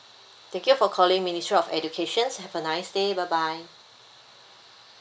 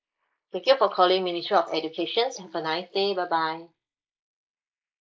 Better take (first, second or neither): first